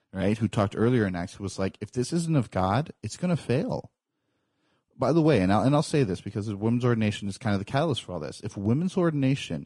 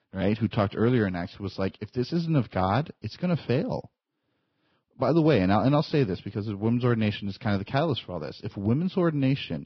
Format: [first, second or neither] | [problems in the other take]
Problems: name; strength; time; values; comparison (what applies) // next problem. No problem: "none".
first | garbled, watery; badly; nothing above 5.5 kHz; slightly in the first